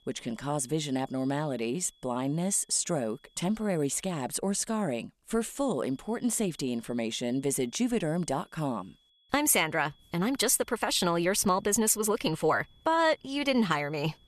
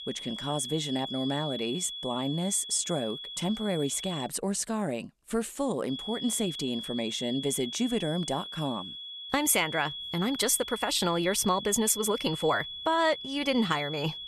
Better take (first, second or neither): first